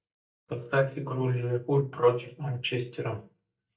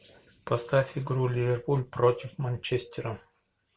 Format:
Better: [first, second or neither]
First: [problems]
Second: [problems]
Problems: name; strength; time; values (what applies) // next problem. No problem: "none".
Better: second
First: noise reduction (neural mask model DeepFilterNet 3)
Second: none